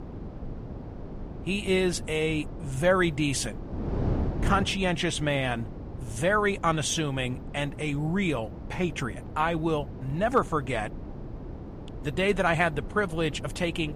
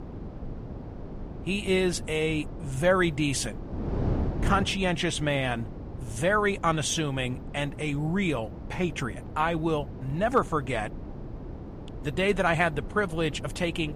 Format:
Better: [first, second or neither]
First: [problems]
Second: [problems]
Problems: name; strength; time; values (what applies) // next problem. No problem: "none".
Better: neither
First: wind noise on the microphone; occasional gusts; 15 dB below the speech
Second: wind noise on the microphone; occasional gusts; 15 dB below the speech